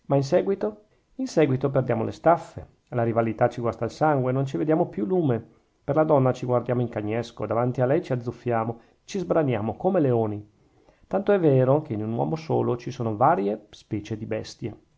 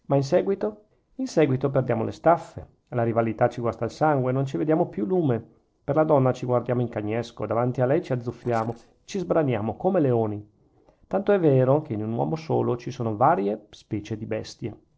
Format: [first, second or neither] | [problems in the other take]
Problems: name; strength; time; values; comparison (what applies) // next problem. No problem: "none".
first | noise reduction (neural separator model SepFormer DNS4)